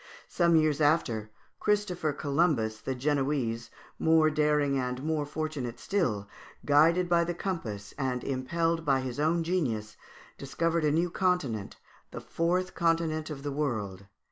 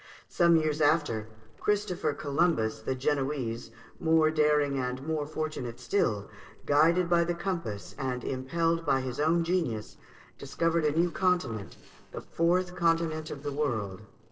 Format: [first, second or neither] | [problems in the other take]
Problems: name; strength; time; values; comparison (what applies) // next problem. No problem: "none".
first | noise reduction (neural separator model SepFormer DNS4)